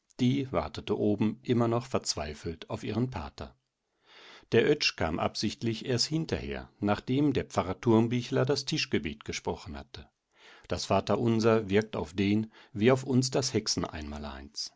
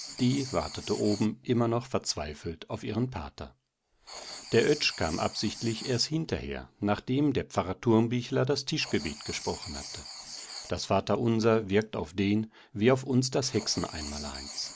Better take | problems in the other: first | background sound (Writing); 16 dB below the speech

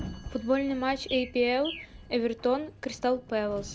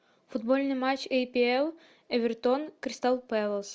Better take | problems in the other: second | background sound (Bird + Sliding door); 14 dB below the speech

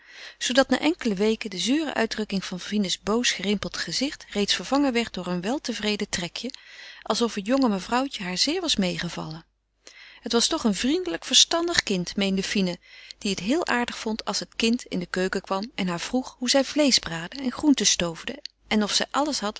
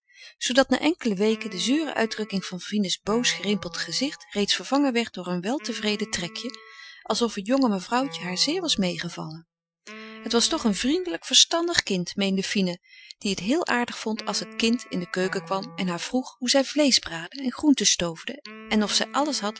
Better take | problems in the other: first | noise reduction (classical method Wiener filter)

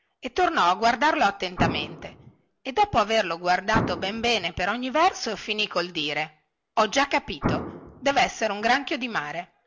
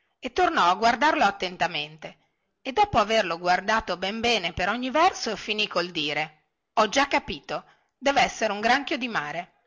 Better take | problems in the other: second | background sound (Explosion); 6 dB below the speech

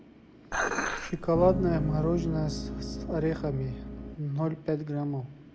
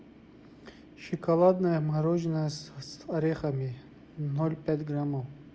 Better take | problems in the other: second | background sound (Piano + Dishes, pots, and pans); 3 dB below the speech

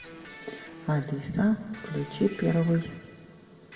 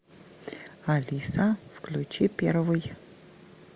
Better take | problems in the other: second | background sound (Electric guitar); 18 dB below the speech // room echo; dies away in 1.2 s

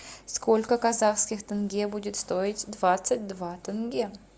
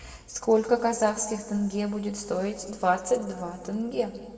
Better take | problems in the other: first | room echo; dies away in 1.8 s

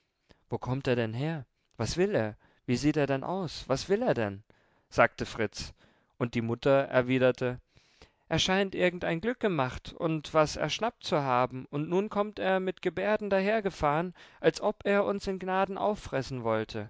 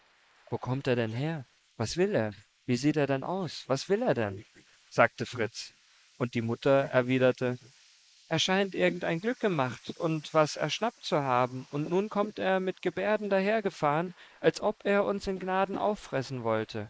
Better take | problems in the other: first | noise reduction (neural mask model Resemble Enhance denoiser)

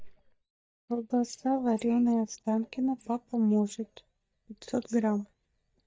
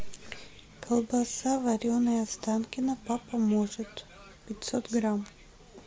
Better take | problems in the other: second | noise reduction (neural mask model DeepFilterNet 3)

